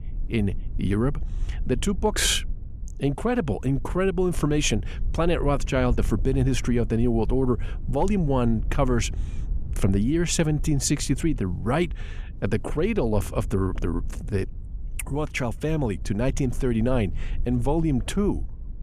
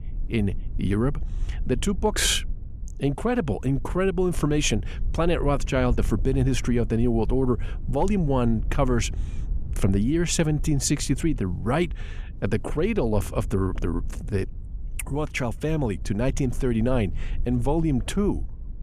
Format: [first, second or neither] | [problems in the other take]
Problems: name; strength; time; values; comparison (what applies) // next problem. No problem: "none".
neither | low rumble; faint; throughout; 25 dB below the speech; the same in both